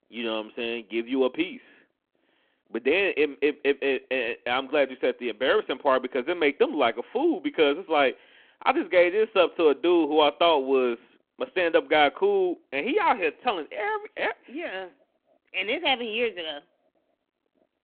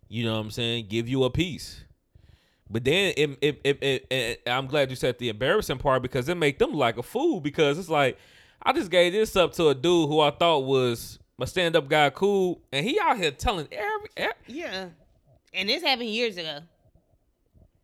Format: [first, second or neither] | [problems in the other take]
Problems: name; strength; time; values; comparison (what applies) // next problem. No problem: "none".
second | phone-call audio